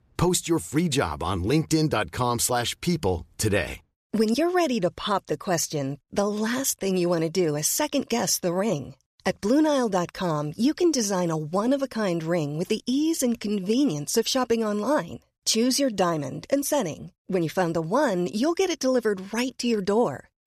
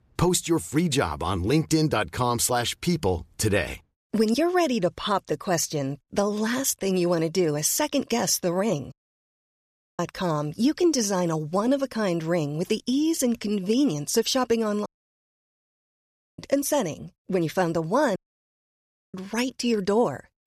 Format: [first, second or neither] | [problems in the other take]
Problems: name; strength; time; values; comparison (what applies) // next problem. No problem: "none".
first | audio cutting out; at 9 s for 1 s, at 15 s for 1.5 s and at 18 s for 1 s